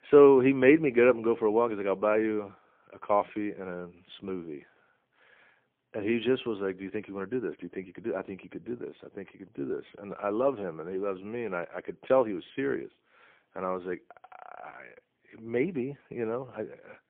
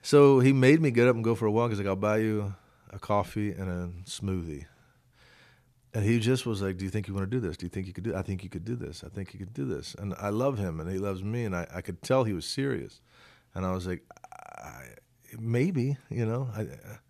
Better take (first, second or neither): second